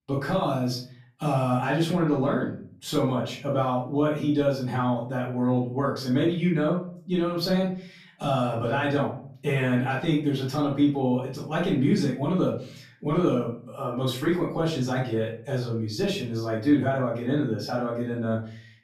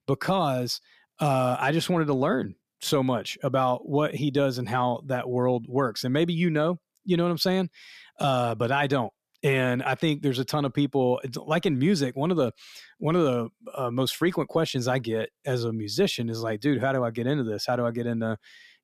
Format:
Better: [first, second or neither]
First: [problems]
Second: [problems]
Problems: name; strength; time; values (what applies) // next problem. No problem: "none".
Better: second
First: off-mic speech; far // room echo; noticeable; dies away in 0.4 s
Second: none